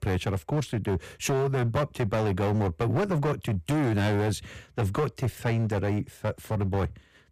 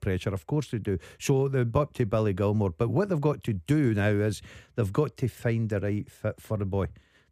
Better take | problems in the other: second | distortion; heavy; 17% of the sound clipped

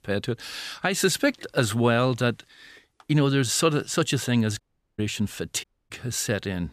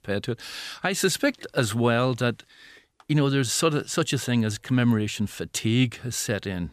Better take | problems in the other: second | audio cutting out; at 4.5 s and at 5.5 s

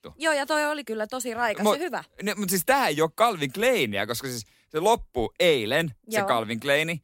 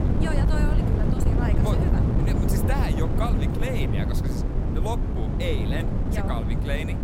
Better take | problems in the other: first | wind noise on the microphone; heavy; as loud as the speech

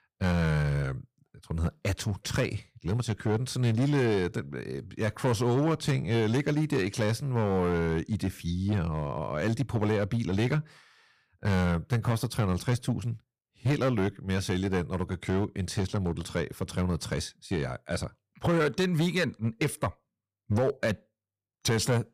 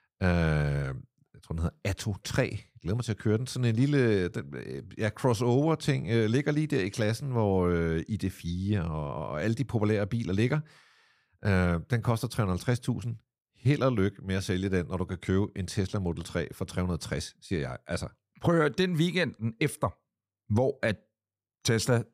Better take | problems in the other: second | distortion; slight; 7% of the sound clipped

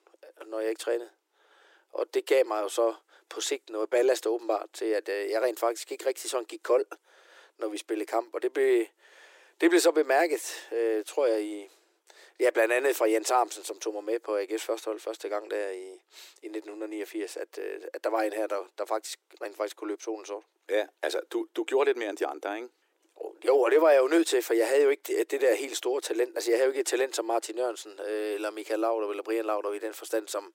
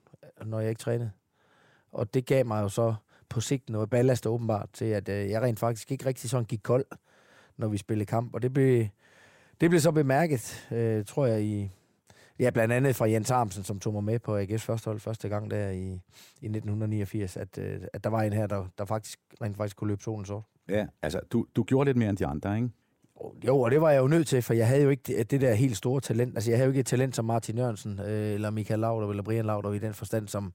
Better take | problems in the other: second | thin; very; fading below 300 Hz

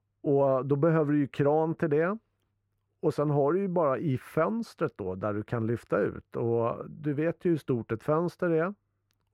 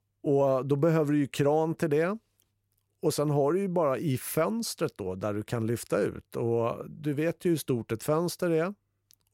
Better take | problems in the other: second | muffled; very; fading above 3.5 kHz

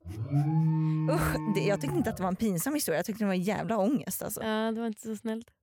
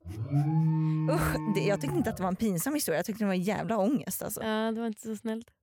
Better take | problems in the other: neither | alarm; loud; until 2 s; peak 4 dB above the speech; the same in both

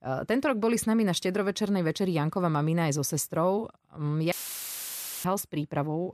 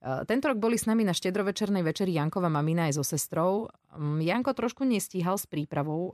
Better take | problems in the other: second | audio cutting out; filled with static; at 4.5 s for 1 s

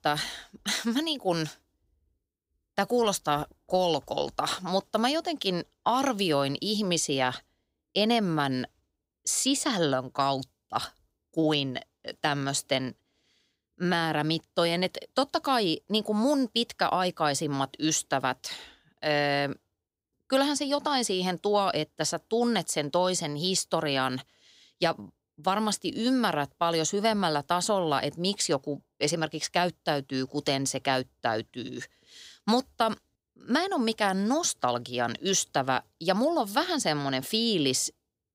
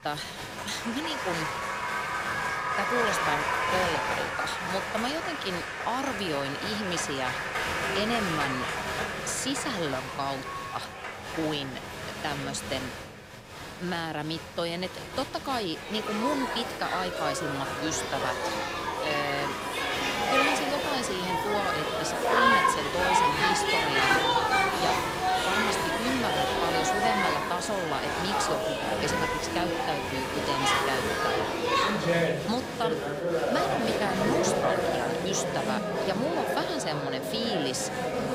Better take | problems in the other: first | crowd noise; very loud; throughout; 4 dB above the speech

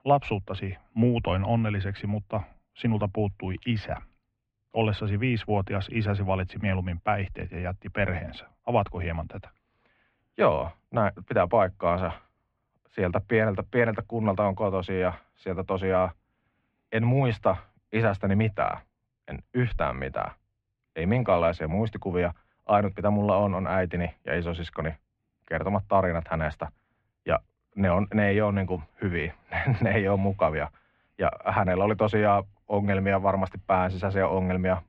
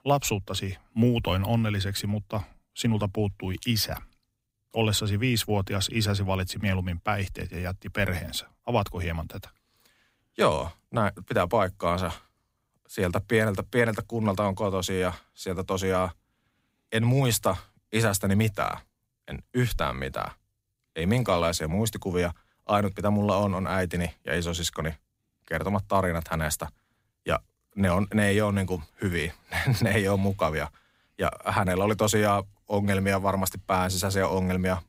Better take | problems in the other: second | muffled; very; fading above 2.5 kHz

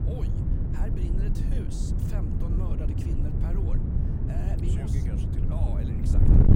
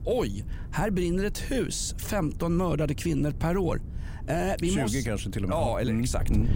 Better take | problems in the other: second | wind noise on the microphone; heavy; 4 dB above the speech; occasional gusts in the second

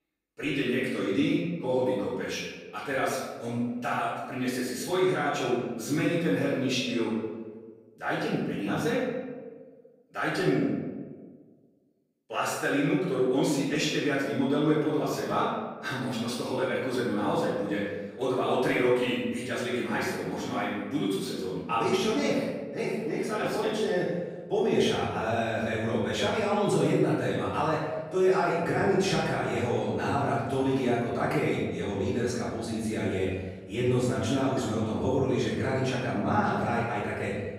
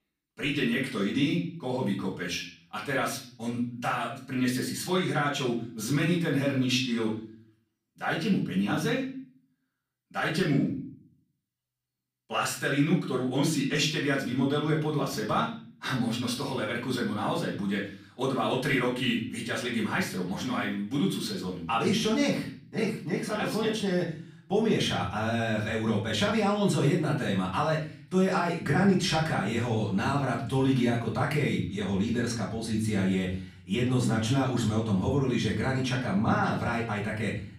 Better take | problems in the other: second | room echo; strong; dies away in 1.2 s; slight in the second // off-mic speech; far; far in the second

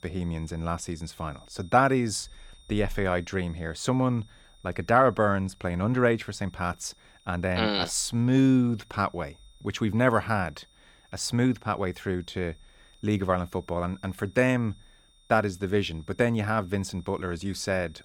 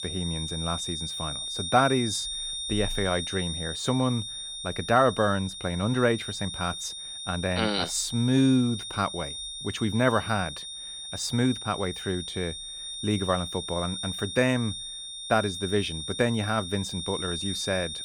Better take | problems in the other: first | high-pitched whine; loud; throughout; 3.5 kHz, 6 dB below the speech; faint in the first

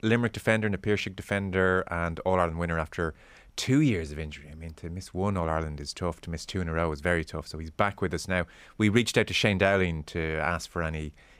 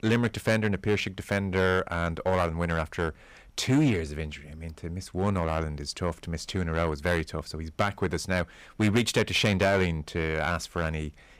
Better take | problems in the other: first | distortion; slight; 4% of the sound clipped

